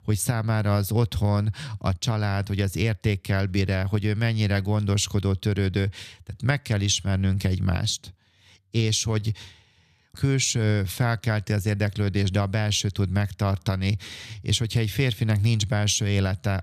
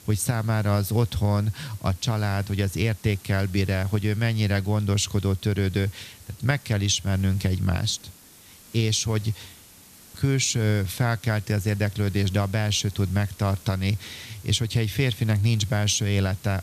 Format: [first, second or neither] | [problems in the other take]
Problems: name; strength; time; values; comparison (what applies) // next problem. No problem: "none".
first | hiss; faint; throughout; 20 dB below the speech